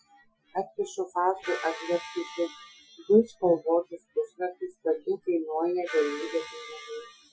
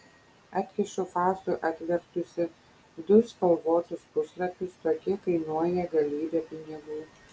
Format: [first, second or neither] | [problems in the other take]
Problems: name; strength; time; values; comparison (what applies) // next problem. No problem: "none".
second | noise reduction (classical method Wiener filter)